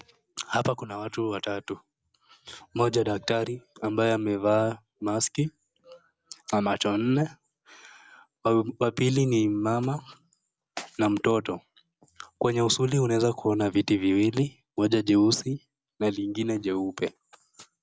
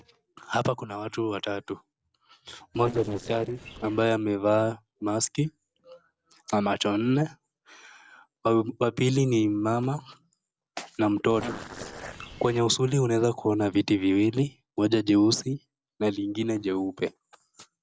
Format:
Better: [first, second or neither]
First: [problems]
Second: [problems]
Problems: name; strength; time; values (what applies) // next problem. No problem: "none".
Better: first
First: none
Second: noise reduction (neural separator model SepFormer DNS4)